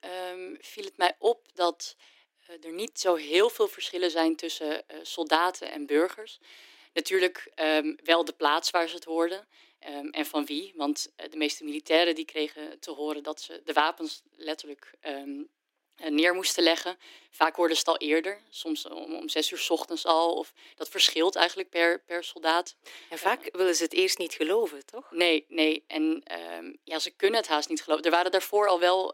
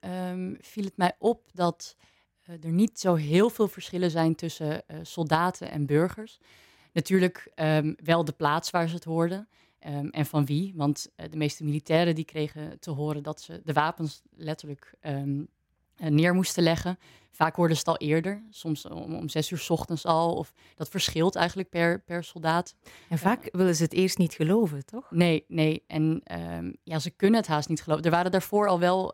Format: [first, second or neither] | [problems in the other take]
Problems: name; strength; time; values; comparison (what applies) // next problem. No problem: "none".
second | thin; somewhat; fading below 300 Hz